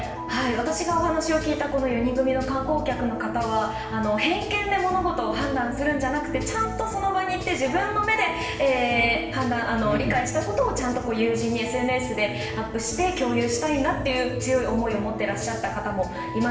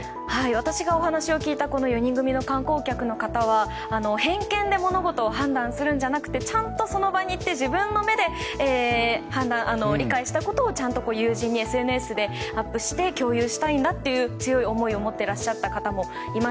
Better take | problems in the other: second | room echo; dies away in 0.9 s

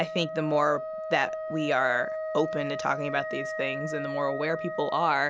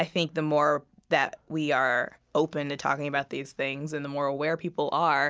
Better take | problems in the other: second | background sound (Wind instrument, woodwind instrument); 6 dB below the speech

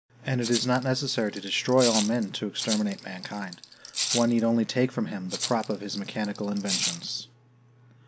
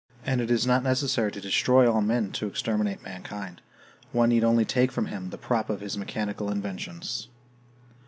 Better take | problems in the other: second | background sound (Rattle (instrument)); 7 dB below the speech

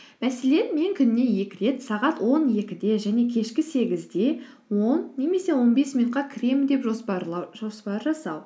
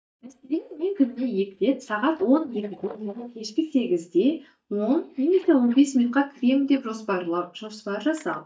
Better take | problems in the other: first | noise reduction (neural mask model DeepFilterNet 3)

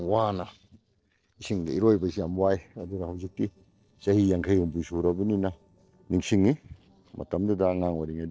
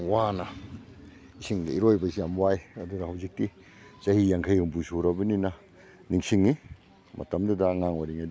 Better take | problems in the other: second | noise reduction (neural separator model SepFormer DNS4)

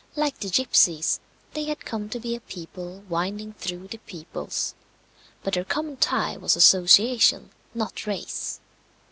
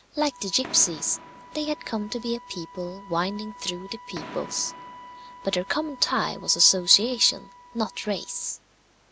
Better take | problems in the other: first | background sound (Wind instrument, woodwind instrument + Fireworks); 17 dB below the speech

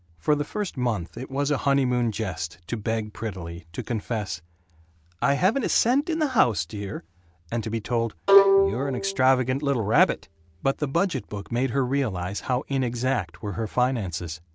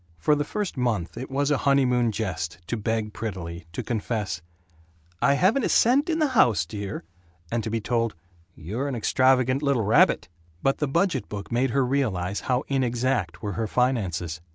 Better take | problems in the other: second | background sound (Bowed string instrument); 1 dB above the speech

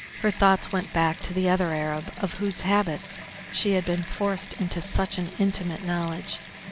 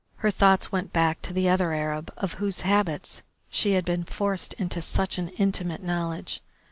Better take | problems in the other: second | background sound (Bathtub (filling or washing) / Water tap, faucet); 14 dB below the speech

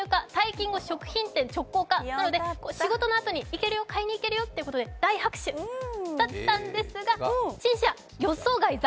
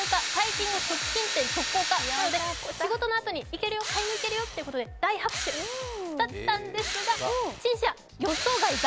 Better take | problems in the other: first | background sound (Drill); 4 dB below the speech

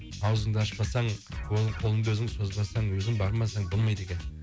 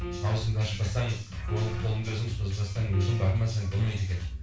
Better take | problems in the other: first | background sound (Piano); 16 dB below the speech // room echo; dies away in 0.3 s

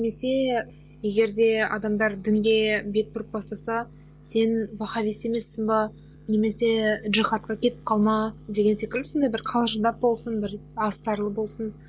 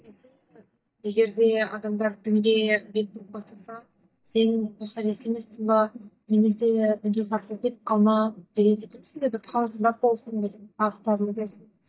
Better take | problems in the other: first | noise reduction (neural mask model DeepFilterNet 3)

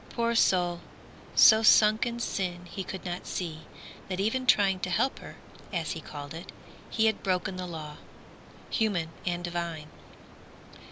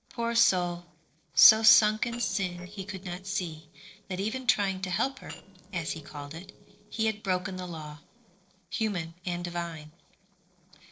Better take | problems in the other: first | noise reduction (neural separator model SepFormer DNS4)

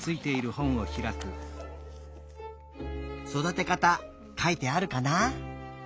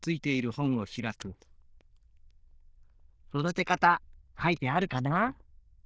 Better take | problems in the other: first | noise reduction (neural diffusion model UNIVERSE++)

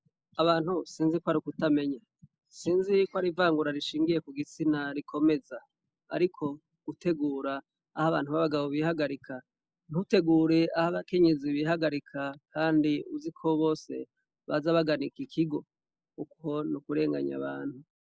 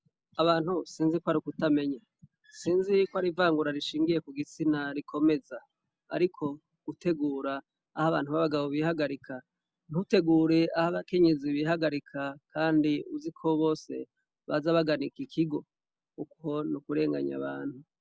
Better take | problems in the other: second | noise reduction (neural mask model Resemble Enhance denoiser)

